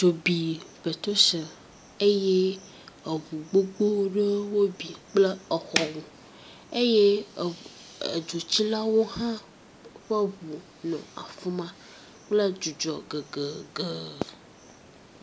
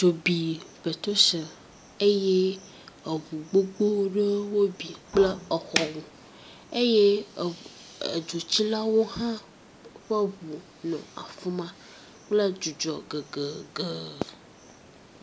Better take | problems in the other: first | background sound (Liquid); 18 dB below the speech

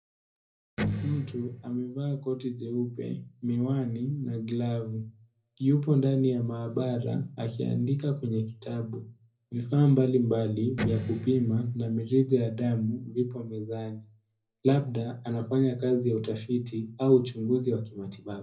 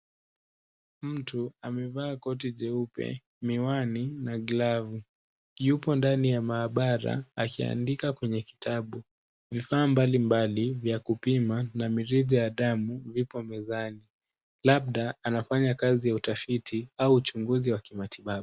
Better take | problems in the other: second | background sound (Electric guitar); 5 dB below the speech // room echo; dies away in 0.4 s

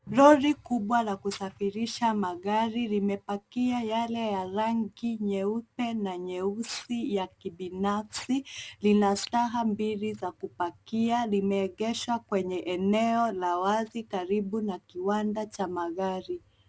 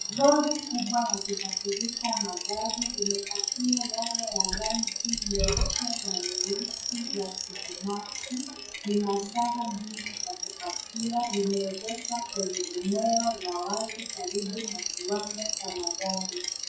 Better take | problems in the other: first | noise reduction (classical method WPE with log-MMSE)

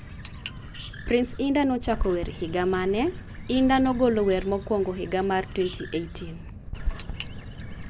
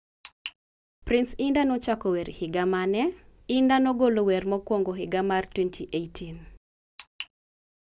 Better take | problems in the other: second | background sound (Bird); 9 dB below the speech

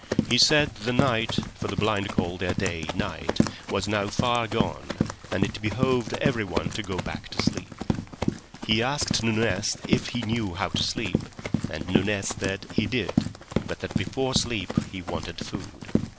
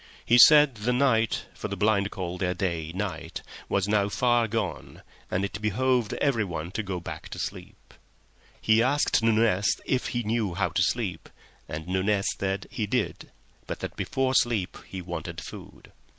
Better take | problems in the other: second | background sound (Run); 1 dB below the speech

